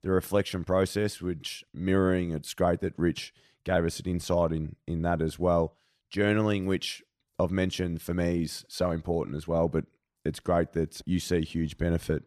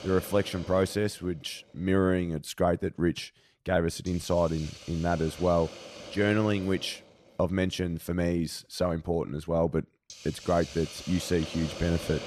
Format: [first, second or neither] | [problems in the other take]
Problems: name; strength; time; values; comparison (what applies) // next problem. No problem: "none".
first | hiss; noticeable; throughout; 15 dB below the speech